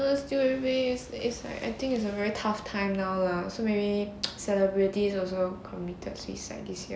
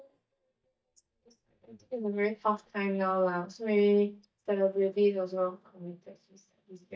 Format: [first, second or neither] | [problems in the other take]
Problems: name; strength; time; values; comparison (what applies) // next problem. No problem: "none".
first | noise reduction (neural mask model DeepFilterNet 3)